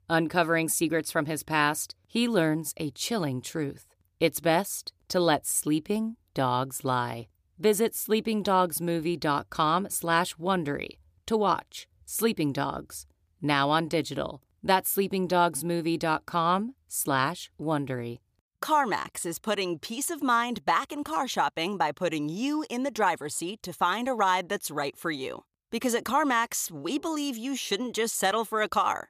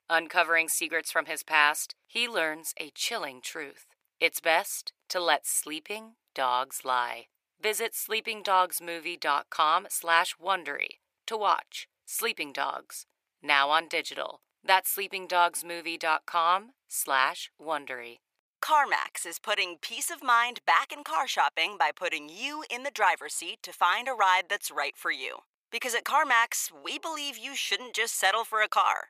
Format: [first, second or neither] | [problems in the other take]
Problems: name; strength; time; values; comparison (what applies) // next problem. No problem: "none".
first | thin; very; fading below 750 Hz